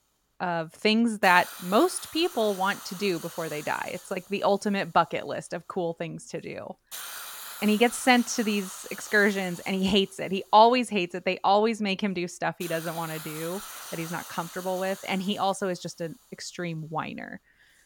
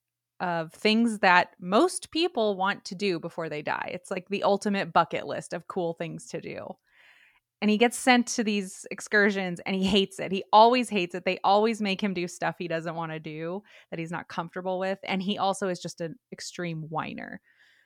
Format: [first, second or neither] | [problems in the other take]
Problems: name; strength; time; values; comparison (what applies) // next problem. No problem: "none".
second | hiss; noticeable; throughout; 15 dB below the speech